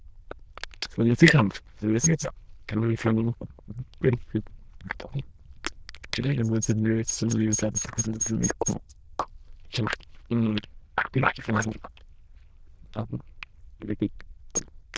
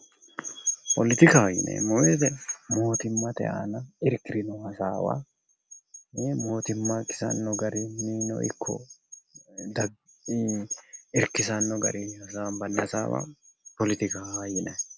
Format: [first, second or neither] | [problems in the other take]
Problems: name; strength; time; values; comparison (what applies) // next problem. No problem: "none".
second | noise reduction (neural diffusion model UNIVERSE++)